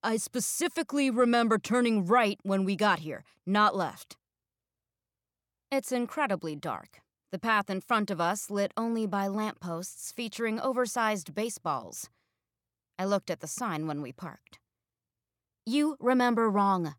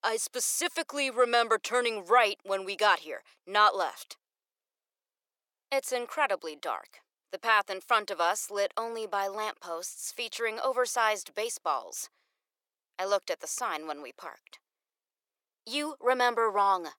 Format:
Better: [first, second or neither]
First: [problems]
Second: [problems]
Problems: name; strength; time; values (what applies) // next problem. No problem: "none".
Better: first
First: none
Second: thin; very; fading below 400 Hz